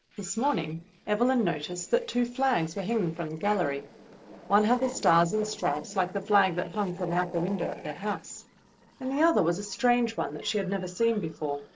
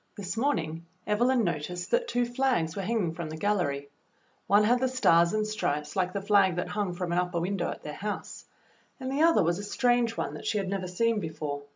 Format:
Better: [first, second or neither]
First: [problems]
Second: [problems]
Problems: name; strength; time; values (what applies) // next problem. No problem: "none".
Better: second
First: noise reduction (neural separator model SepFormer DNS4)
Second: none